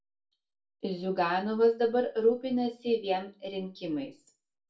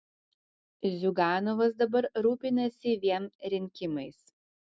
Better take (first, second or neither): second